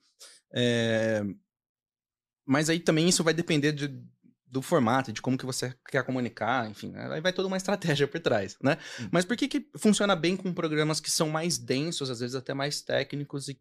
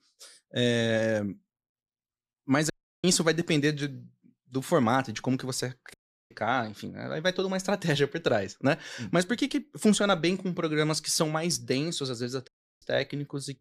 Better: first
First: none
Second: audio cutting out; at 2.5 s, at 6 s and at 12 s

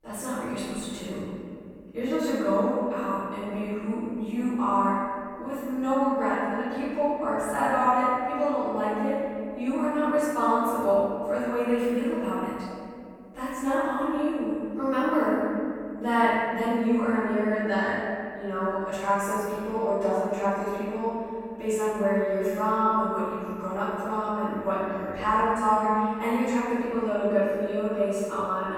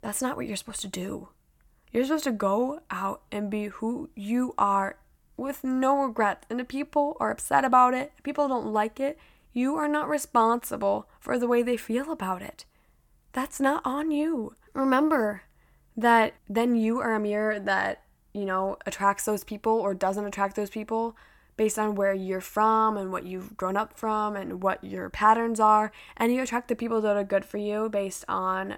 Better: second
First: room echo; strong; dies away in 2.2 s // off-mic speech; far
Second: none

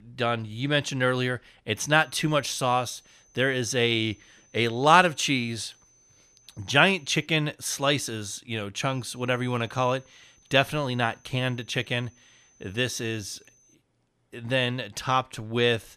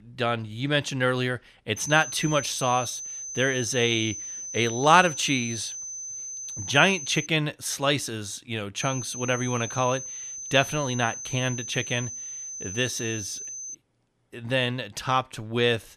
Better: first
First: high-pitched whine; faint; from 2 to 7.5 s and from 9 to 14 s; 6 kHz, 35 dB below the speech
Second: high-pitched whine; loud; from 2 to 7.5 s and from 9 to 14 s; 6 kHz, 8 dB below the speech

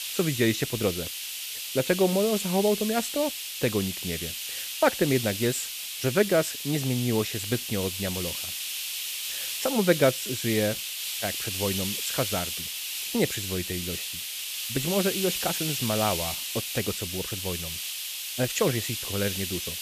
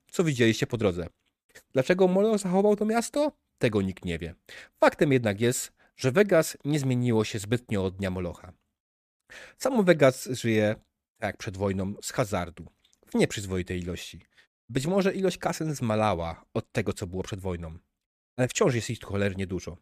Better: second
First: hiss; loud; throughout; 2 dB below the speech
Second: none

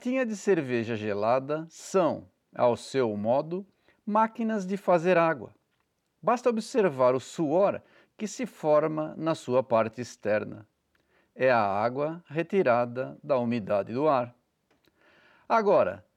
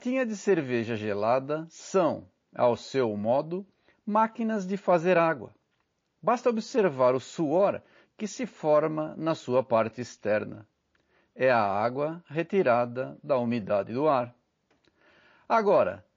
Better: first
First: none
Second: garbled, watery; slightly

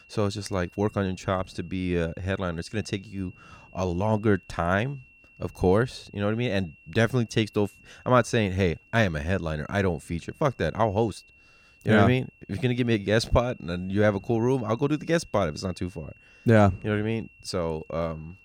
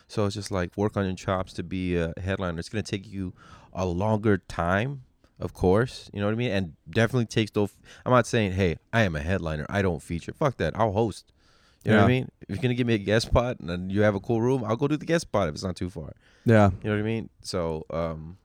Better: second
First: high-pitched whine; faint; throughout; 2.5 kHz, 30 dB below the speech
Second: none

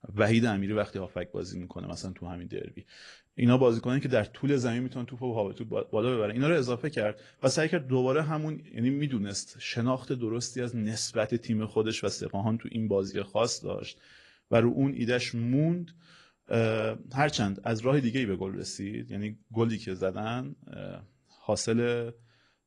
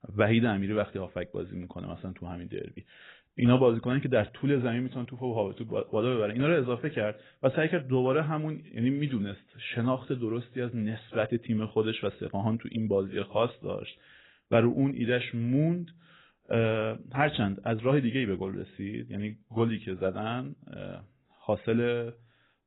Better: first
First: garbled, watery; slightly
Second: garbled, watery; badly; nothing above 4 kHz

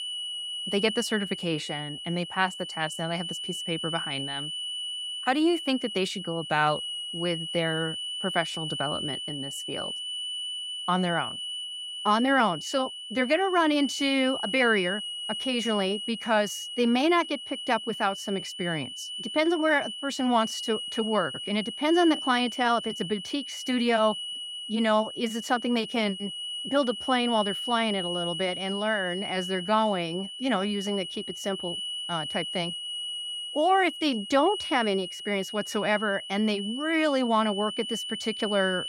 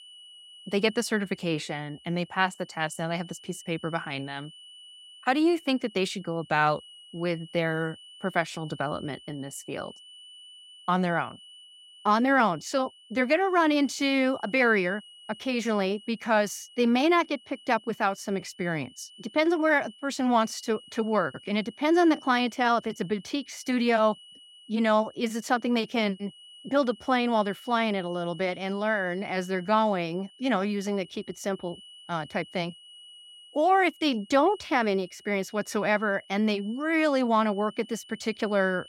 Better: second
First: high-pitched whine; loud; throughout; 3 kHz, 6 dB below the speech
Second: high-pitched whine; faint; throughout; 3 kHz, 20 dB below the speech

